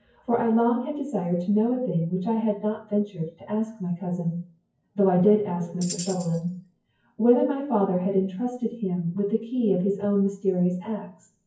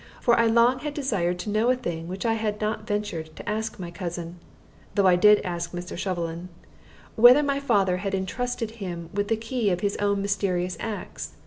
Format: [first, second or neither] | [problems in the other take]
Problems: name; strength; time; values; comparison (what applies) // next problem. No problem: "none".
second | noise reduction (classical method WPE with log-MMSE)